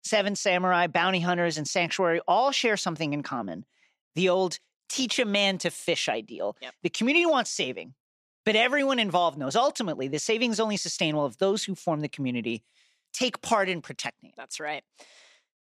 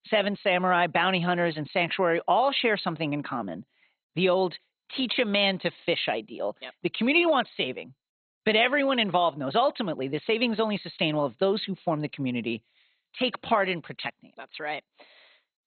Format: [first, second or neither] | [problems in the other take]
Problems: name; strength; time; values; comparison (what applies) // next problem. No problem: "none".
first | garbled, watery; badly; nothing above 4 kHz